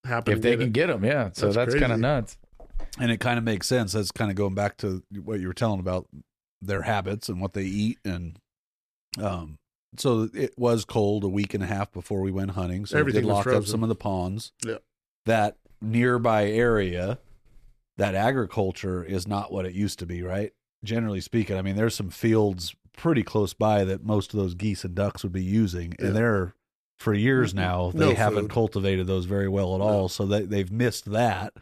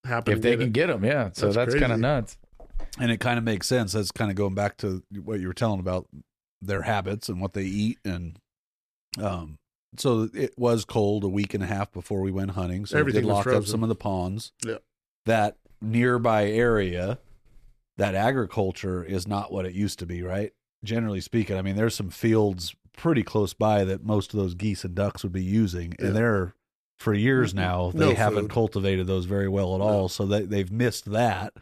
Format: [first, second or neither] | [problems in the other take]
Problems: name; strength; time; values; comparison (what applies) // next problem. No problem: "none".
neither | none